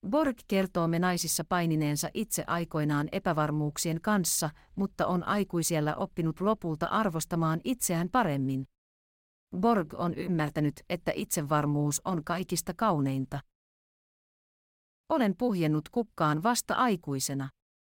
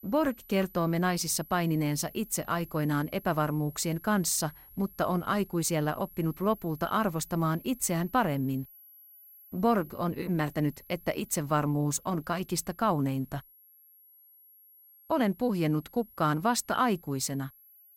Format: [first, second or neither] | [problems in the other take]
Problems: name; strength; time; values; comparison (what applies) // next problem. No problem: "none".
first | high-pitched whine; faint; throughout; 11.5 kHz, 20 dB below the speech